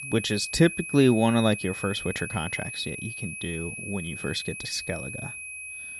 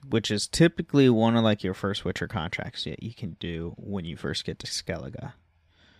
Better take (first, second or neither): second